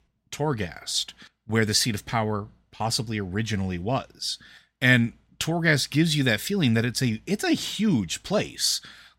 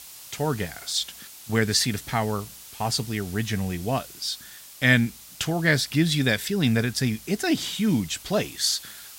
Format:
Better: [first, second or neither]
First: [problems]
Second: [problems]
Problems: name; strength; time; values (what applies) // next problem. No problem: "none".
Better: first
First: none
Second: hiss; noticeable; throughout; 15 dB below the speech